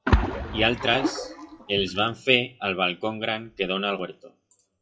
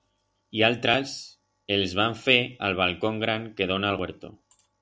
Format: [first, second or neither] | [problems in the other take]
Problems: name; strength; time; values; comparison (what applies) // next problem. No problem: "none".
second | noise reduction (classical method WPE with log-MMSE)